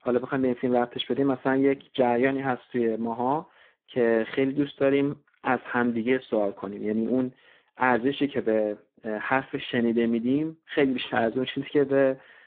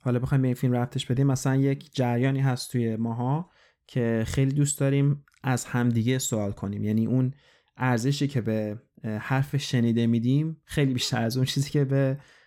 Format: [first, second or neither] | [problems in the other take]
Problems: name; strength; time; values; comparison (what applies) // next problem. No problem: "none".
second | phone-call audio; poor line; nothing above 3.5 kHz